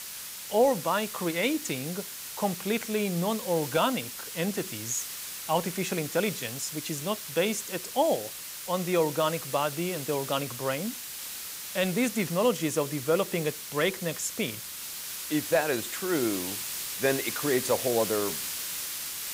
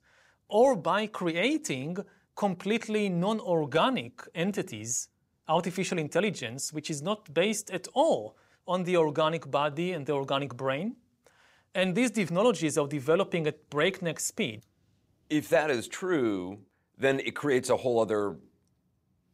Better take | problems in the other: second | hiss; loud; throughout; 6 dB below the speech

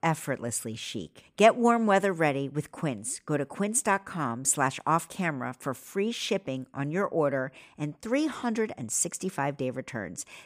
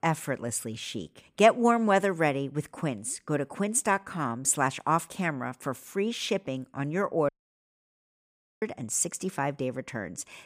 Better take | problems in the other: first | audio cutting out; at 7.5 s for 1.5 s

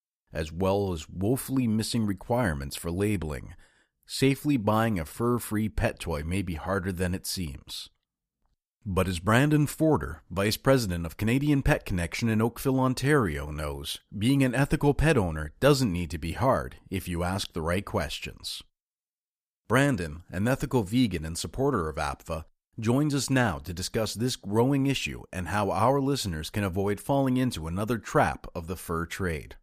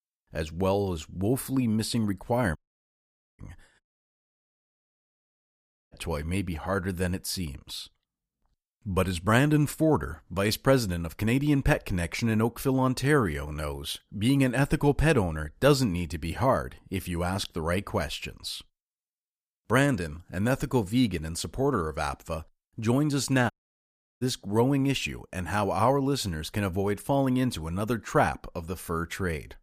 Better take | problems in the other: first | audio cutting out; at 2.5 s for 1 s, at 4 s for 2 s and at 24 s for 0.5 s

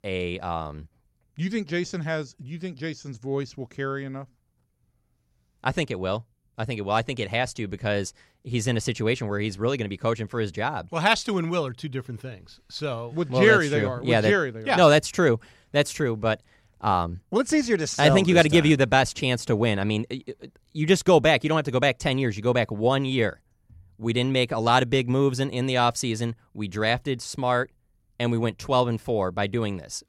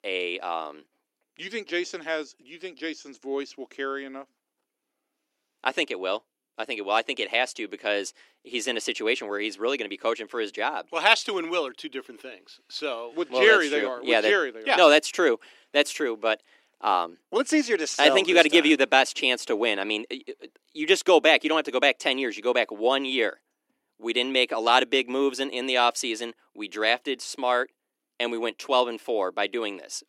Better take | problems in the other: first | thin; somewhat; fading below 300 Hz

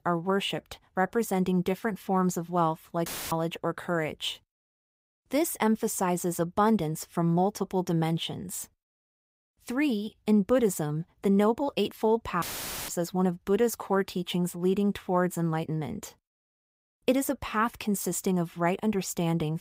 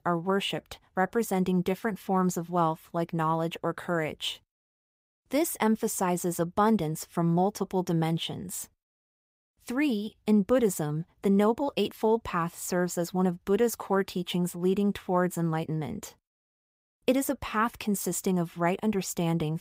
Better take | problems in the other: second | audio cutting out; filled with static; at 3 s and at 12 s

